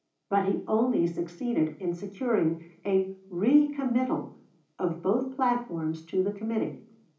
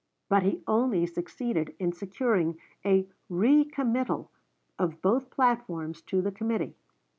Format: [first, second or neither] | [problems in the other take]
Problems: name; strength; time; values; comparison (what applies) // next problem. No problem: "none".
second | room echo; dies away in 0.4 s